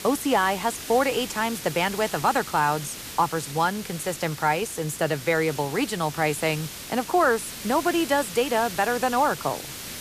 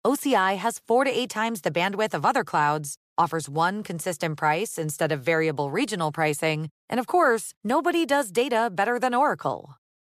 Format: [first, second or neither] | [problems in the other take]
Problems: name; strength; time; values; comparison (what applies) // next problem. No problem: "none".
second | hiss; noticeable; throughout; 10 dB below the speech